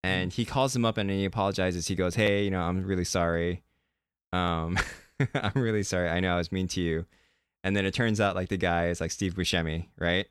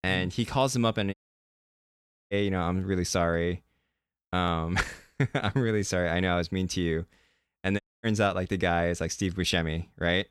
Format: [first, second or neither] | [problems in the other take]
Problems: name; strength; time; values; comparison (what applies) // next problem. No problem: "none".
first | audio cutting out; at 1 s for 1 s and at 8 s